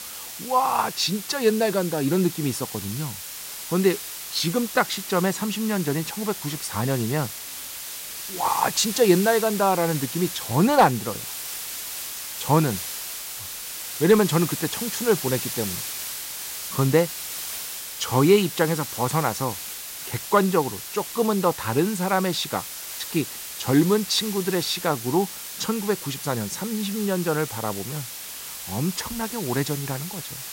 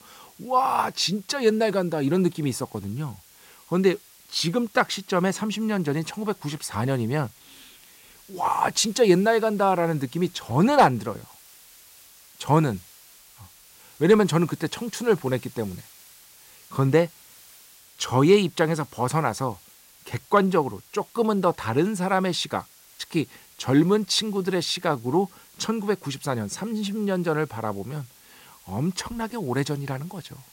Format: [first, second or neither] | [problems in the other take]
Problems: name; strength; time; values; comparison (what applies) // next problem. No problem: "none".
second | hiss; loud; throughout; 8 dB below the speech; faint in the second